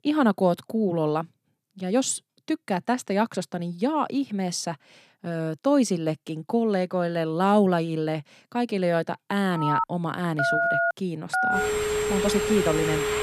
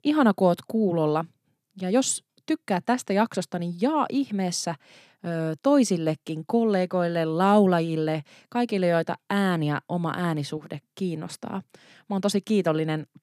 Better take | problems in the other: second | alarms or sirens; very loud; from 9.5 s on; 1 dB above the speech

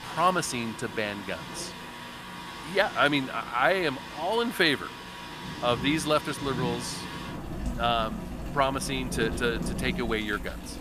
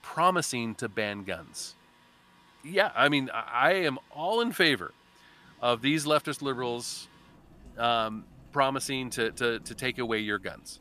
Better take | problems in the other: second | rain or running water; loud; throughout; 9 dB below the speech; faint in the second

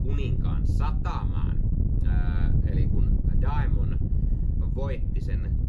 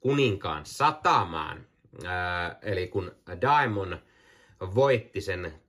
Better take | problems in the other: second | wind noise on the microphone; heavy; 1 dB below the speech

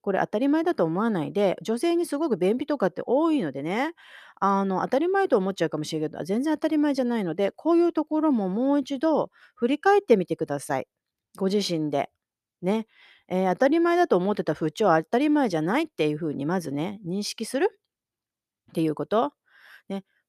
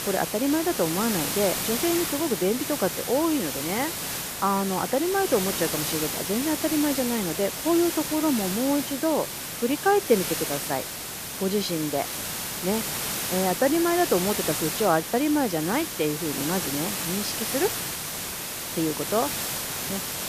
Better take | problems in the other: first | hiss; loud; throughout; 2 dB below the speech

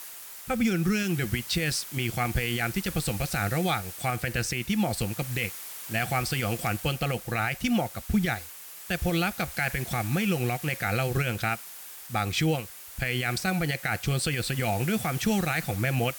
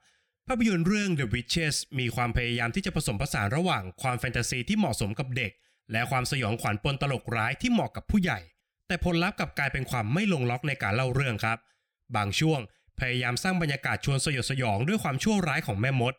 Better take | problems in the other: second | hiss; noticeable; throughout; 10 dB below the speech

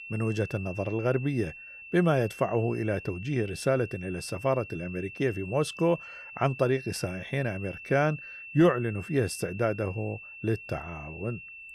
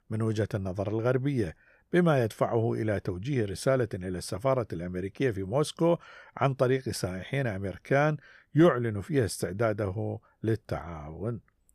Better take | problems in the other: second | high-pitched whine; noticeable; throughout; 2.5 kHz, 15 dB below the speech

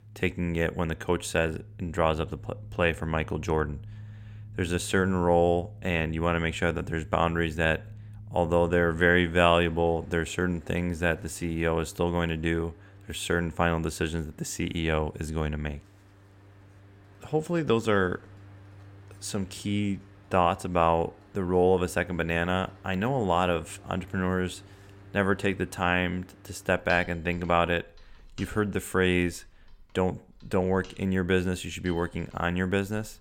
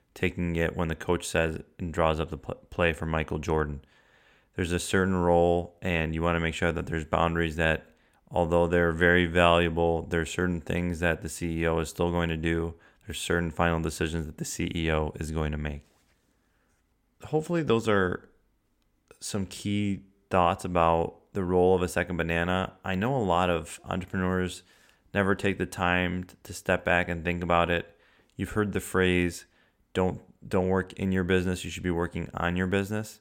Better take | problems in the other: second | machinery noise; faint; throughout; 20 dB below the speech

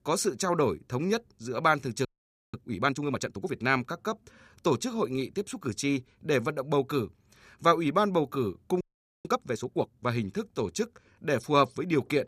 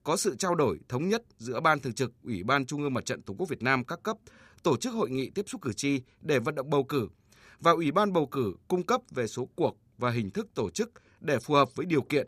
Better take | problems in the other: second | audio freezing; at 2 s and at 9 s

